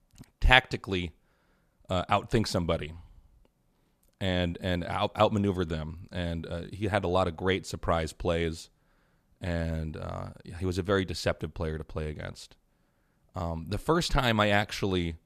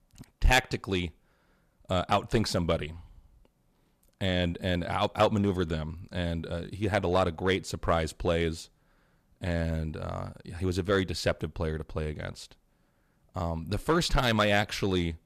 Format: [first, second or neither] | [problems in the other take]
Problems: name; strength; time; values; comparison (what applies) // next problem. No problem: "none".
first | distortion; slight; 1.5% of the sound clipped